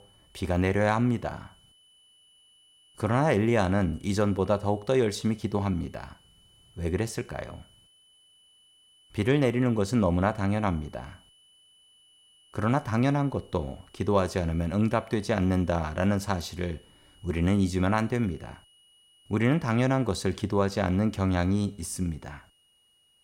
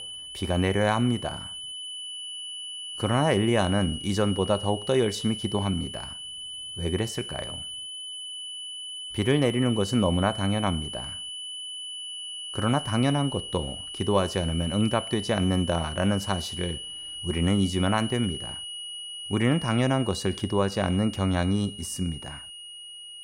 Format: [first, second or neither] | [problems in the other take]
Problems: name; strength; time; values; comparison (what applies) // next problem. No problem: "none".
first | high-pitched whine; loud; throughout; 3 kHz, 8 dB below the speech; faint in the first